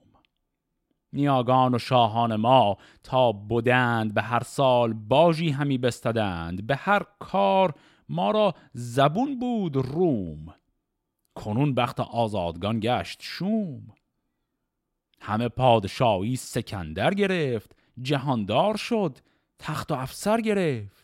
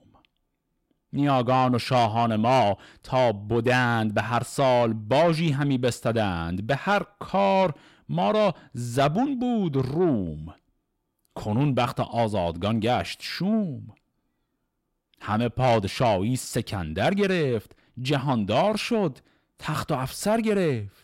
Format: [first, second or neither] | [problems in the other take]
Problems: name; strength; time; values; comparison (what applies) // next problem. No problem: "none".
first | distortion; slight; 10 dB below the speech